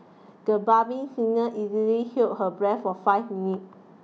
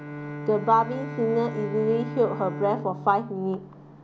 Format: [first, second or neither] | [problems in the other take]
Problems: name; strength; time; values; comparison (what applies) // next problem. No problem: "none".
first | background sound (Bowed string instrument); 10 dB below the speech